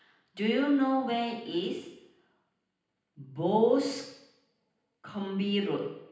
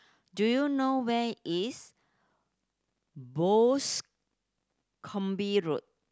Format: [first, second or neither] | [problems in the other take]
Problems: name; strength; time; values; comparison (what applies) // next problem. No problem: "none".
second | room echo; dies away in 0.9 s